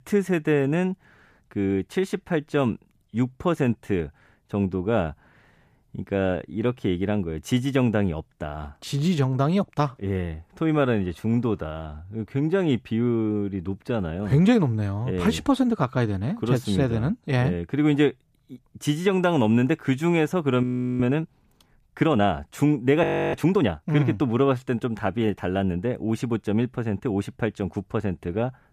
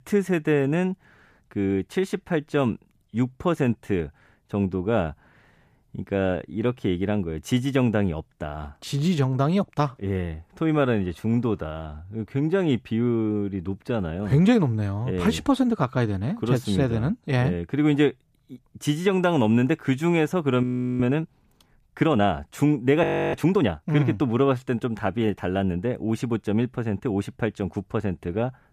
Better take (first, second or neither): neither